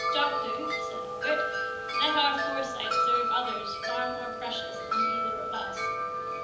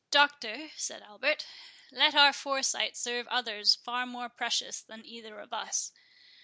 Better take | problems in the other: second | background sound (Wind chime); 4 dB above the speech // room echo; dies away in 1.3 s

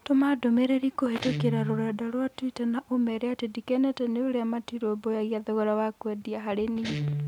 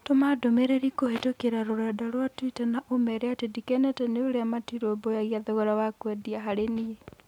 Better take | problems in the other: second | background sound (Guitar); 11 dB below the speech

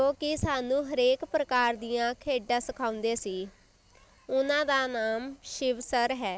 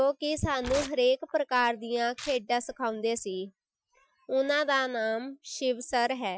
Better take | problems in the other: first | noise reduction (classical method Wiener filter)

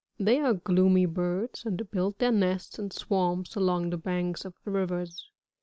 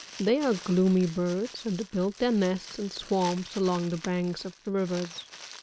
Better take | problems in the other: first | background sound (Crumpling, crinkling); 17 dB below the speech

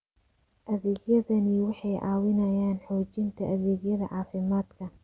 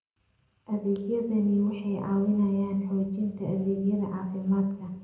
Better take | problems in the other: first | room echo; dies away in 0.7 s

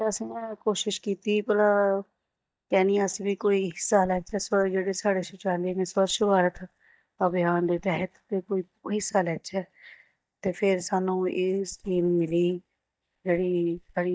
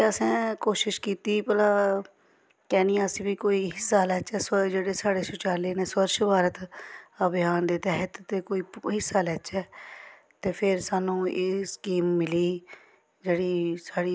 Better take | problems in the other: second | noise reduction (neural mask model DeepFilterNet 3)

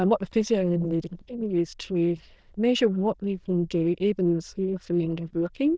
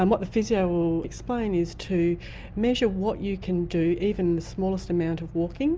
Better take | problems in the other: second | noise reduction (neural diffusion model UNIVERSE++)

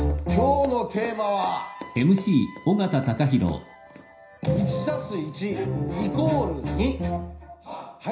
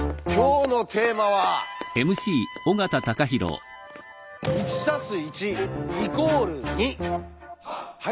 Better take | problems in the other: second | room echo; dies away in 0.5 s

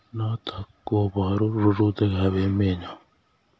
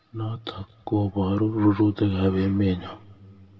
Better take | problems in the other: first | room echo; dies away in 2.3 s

